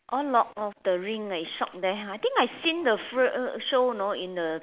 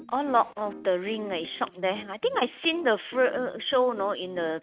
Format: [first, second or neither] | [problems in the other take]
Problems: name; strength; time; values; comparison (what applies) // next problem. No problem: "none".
first | noise reduction (neural mask model RNNoise)